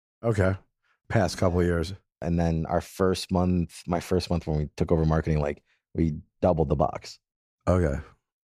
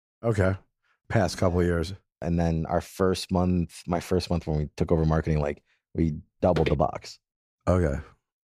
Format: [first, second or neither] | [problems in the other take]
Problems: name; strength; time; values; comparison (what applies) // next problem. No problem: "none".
first | footsteps; noticeable; at 6.5 s; peak 5 dB below the speech